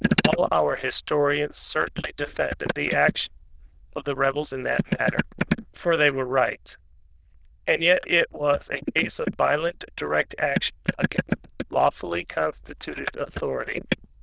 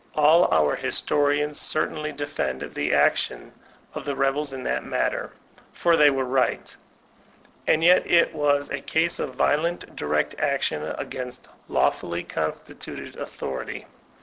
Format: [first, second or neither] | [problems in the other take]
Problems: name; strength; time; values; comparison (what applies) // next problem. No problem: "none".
second | noise reduction (neural diffusion model UNIVERSE++)